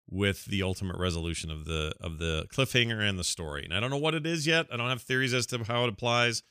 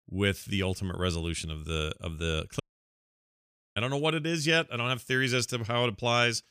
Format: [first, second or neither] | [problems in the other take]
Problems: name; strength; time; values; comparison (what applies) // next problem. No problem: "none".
first | audio cutting out; at 2.5 s for 1 s